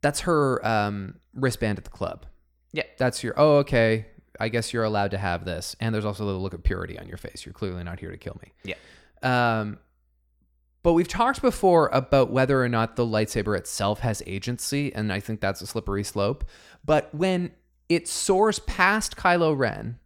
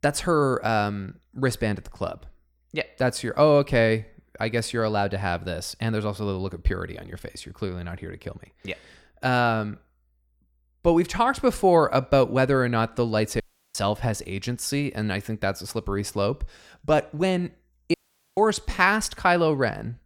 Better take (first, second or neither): first